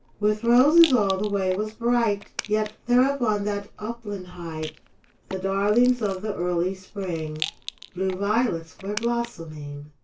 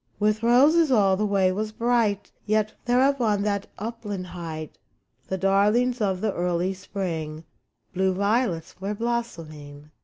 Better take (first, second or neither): second